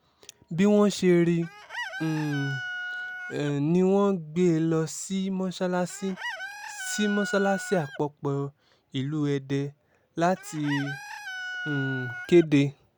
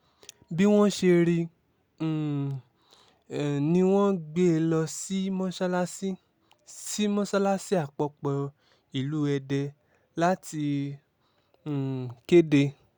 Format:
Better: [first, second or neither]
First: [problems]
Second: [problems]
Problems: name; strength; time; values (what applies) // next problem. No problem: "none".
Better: second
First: background sound (Chicken, rooster); 13 dB below the speech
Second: none